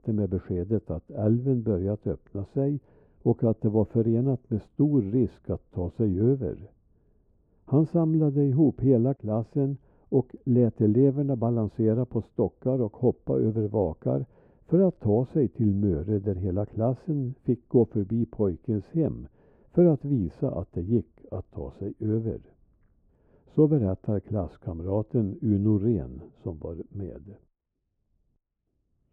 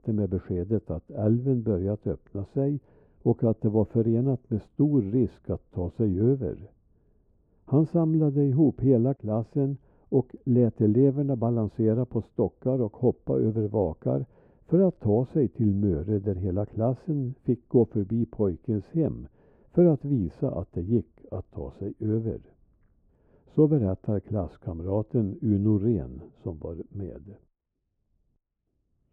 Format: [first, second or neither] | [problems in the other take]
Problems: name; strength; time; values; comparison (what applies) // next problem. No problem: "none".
neither | muffled; very; fading above 1.5 kHz; the same in both